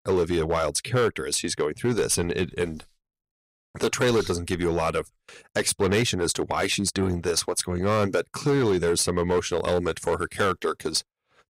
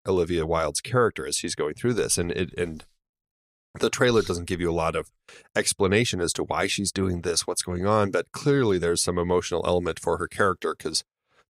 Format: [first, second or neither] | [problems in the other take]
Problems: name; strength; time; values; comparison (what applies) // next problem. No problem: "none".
second | distortion; slight; 6% of the sound clipped